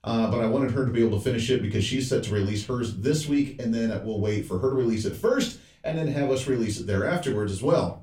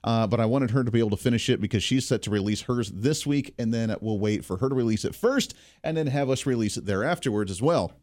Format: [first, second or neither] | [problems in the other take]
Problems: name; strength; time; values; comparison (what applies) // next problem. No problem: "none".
second | off-mic speech; somewhat distant // room echo; very slight; dies away in 0.3 s